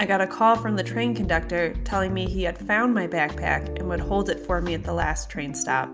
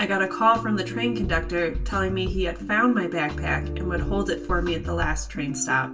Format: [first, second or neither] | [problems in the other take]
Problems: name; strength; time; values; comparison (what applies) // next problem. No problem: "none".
first | room echo; dies away in 0.1 s